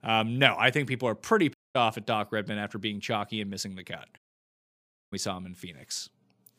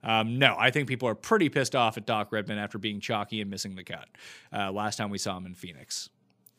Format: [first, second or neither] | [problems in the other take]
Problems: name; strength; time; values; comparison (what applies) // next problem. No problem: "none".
second | audio cutting out; at 1.5 s and at 4 s for 1 s